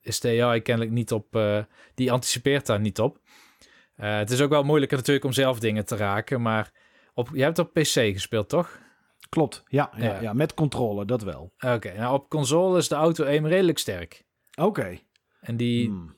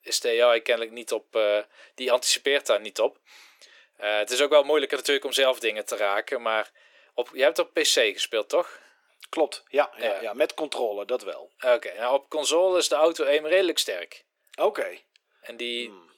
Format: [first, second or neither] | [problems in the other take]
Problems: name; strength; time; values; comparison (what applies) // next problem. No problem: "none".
first | thin; very; fading below 350 Hz